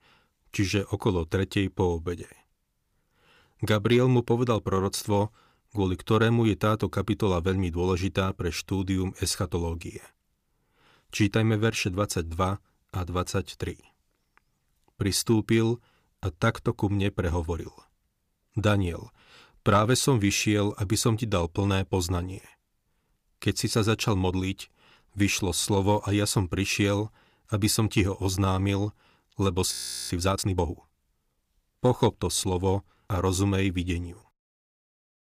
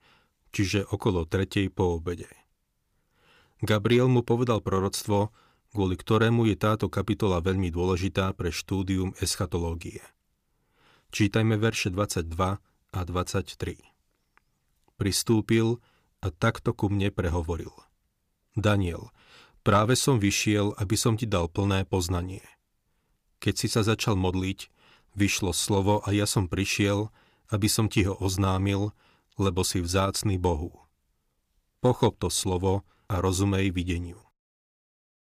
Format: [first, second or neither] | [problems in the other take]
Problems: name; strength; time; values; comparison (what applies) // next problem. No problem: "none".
second | audio freezing; at 30 s